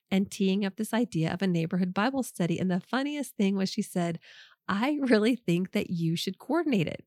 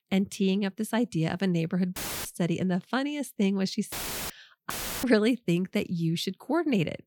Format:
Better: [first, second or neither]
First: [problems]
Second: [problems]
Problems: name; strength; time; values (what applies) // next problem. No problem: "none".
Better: first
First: none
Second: audio cutting out; filled with static; at 2 s, at 4 s and at 4.5 s